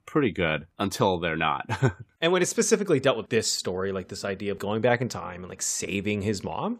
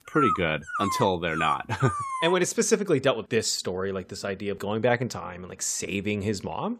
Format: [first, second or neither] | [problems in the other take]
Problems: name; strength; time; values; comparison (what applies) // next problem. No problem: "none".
first | dog barking; loud; until 2.5 s; peak 1 dB above the speech